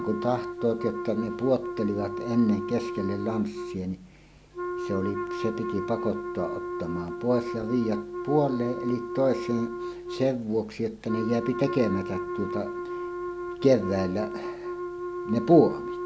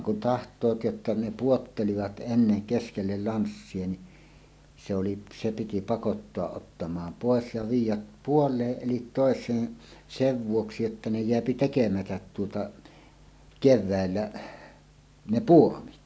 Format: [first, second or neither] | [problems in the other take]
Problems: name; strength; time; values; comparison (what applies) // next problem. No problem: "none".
second | background sound (Wind instrument, woodwind instrument); 6 dB below the speech